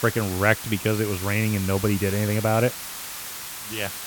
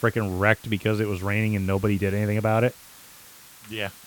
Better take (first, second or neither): second